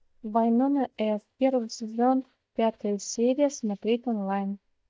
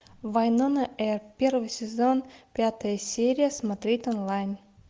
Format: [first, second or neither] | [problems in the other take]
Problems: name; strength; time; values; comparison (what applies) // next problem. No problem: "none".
second | noise reduction (neural mask model DeepFilterNet 3)